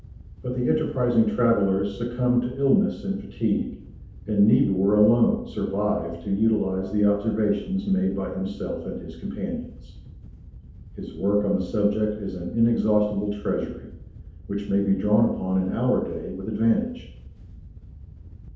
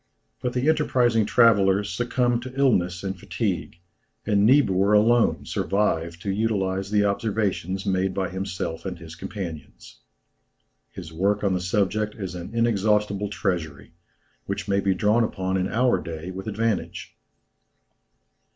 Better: second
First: background sound (Wind / Boat, Water vehicle); 18 dB below the speech // room echo; dies away in 0.8 s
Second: none

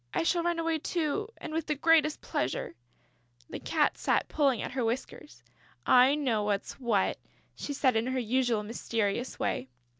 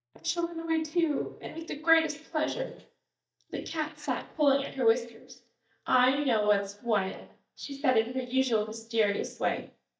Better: first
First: none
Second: noise reduction (neural mask model DeepFilterNet 3)

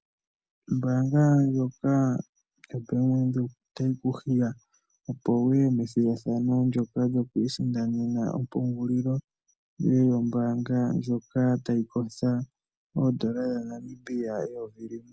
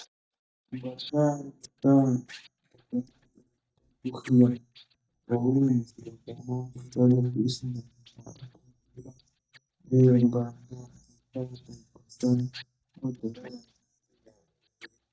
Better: first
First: none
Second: noise reduction (neural mask model DeepFilterNet 3)

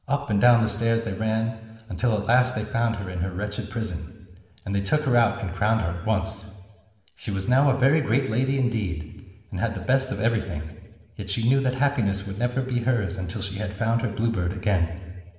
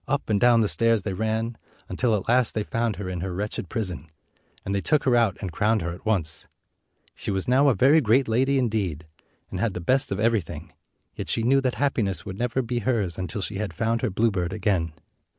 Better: second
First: room echo; dies away in 1.2 s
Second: none

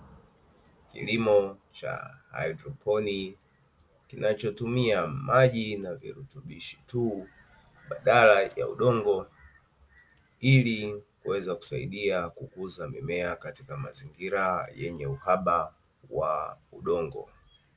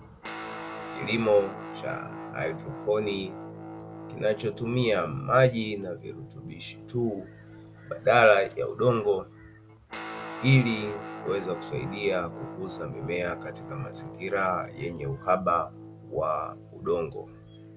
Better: first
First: none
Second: background sound (Guitar); 13 dB below the speech

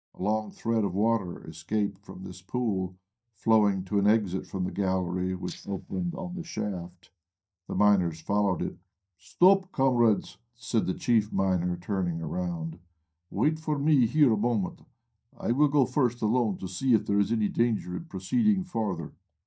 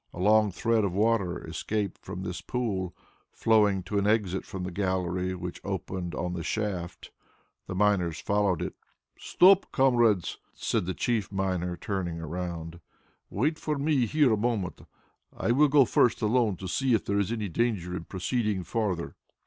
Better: second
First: noise reduction (neural mask model DeepFilterNet 3)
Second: none

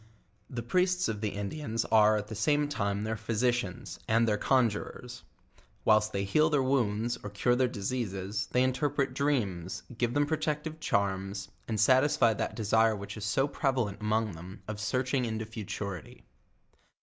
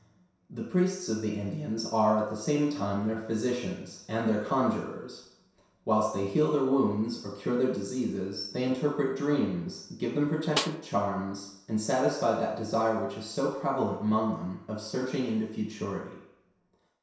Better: first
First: none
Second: background sound (Snare drum); 8 dB below the speech // room echo; dies away in 0.7 s

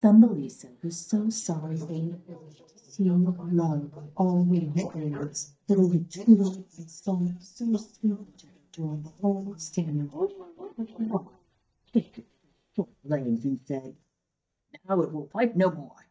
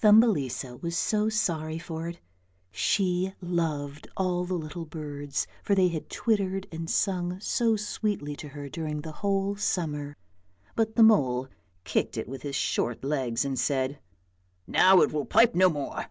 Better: second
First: noise reduction (neural mask model DeepFilterNet 3)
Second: none

